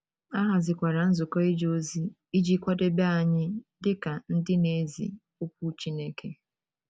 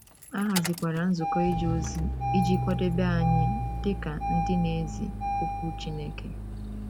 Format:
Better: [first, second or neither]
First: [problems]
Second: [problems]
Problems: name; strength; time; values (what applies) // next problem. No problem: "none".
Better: first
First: none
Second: background sound (Engine starting); 1 dB below the speech